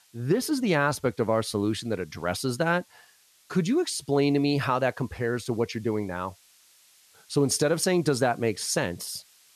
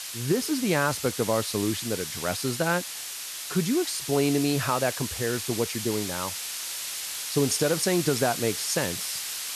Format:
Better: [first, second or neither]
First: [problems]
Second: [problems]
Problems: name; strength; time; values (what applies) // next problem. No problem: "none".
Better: first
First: hiss; faint; throughout; 30 dB below the speech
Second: hiss; loud; throughout; 4 dB below the speech